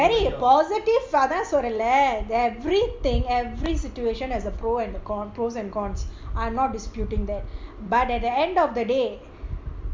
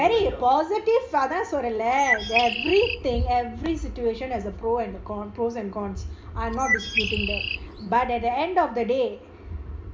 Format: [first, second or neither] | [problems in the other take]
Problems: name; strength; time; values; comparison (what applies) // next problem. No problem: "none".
first | background sound (Bird); 4 dB below the speech // room echo; dies away in 0.2 s